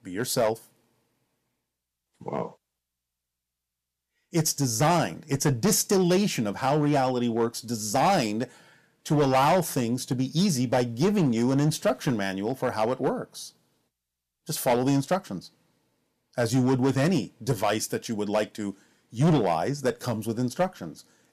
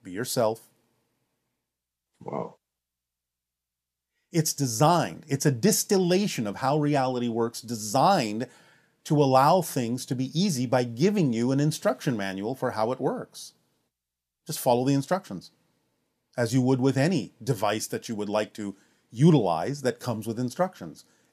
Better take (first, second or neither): second